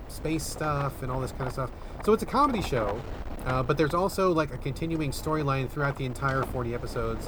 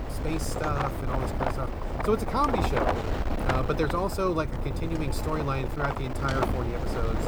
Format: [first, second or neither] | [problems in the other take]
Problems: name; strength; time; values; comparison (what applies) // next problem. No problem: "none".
first | wind noise on the microphone; heavy; 1 dB below the speech; occasional gusts in the first